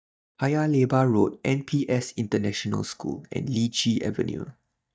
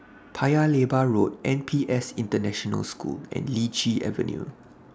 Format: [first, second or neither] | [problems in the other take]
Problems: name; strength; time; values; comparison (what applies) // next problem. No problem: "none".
second | noise reduction (neural mask model DeepFilterNet 3)